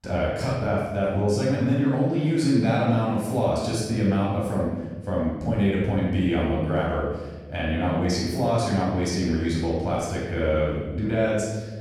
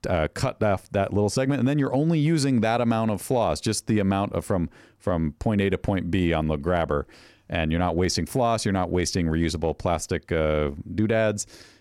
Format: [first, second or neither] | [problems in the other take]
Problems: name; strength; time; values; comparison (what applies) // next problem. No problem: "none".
second | off-mic speech; far // room echo; strong; dies away in 1.2 s